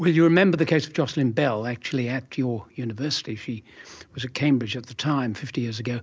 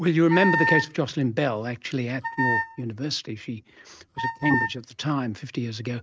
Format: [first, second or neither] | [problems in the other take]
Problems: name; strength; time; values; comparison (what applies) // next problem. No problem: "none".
first | noise reduction (neural mask model RNNoise)